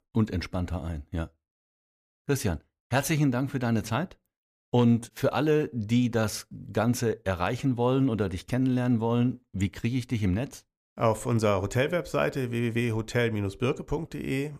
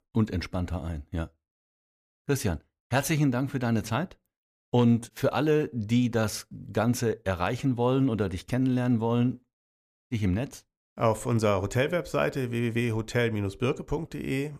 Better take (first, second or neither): first